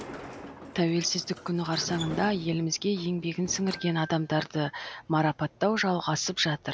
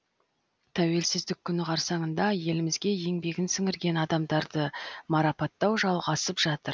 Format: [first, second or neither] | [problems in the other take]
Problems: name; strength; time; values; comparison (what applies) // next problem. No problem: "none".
second | background sound (Sliding door); 16 dB below the speech